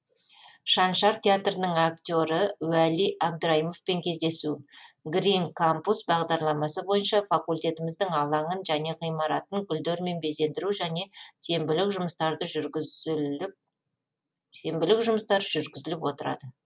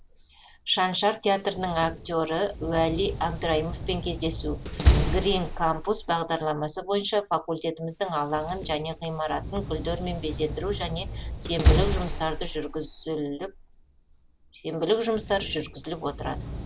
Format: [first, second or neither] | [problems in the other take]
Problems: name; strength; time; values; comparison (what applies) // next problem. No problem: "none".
first | background sound (Slam); 2 dB below the speech